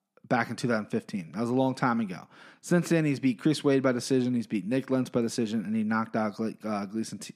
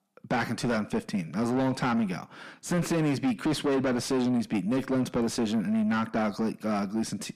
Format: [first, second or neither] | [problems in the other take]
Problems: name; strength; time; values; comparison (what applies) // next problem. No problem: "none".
first | distortion; heavy; 7 dB below the speech